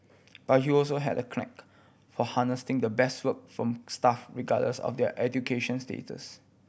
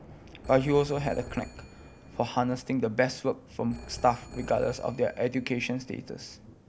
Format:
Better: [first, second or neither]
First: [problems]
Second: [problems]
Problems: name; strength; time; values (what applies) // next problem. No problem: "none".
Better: first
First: none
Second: background sound (Thunder / Rain + Telephone); 17 dB below the speech